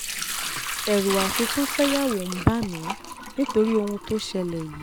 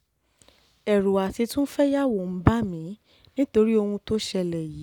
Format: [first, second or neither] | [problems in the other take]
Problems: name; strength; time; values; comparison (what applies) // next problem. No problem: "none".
second | background sound (Sink (filling or washing) / Liquid); 6 dB below the speech